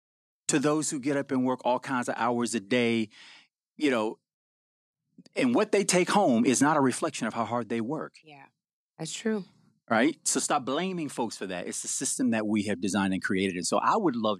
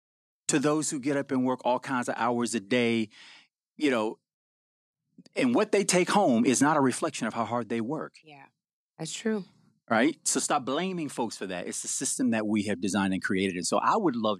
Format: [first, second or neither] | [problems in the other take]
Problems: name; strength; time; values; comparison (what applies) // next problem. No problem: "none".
neither | none